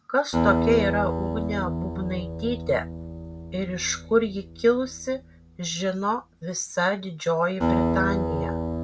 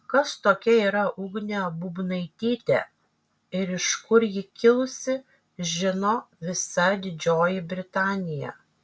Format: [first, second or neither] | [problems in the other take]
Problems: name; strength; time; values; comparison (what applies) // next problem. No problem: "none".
second | background sound (Acoustic guitar); 2 dB below the speech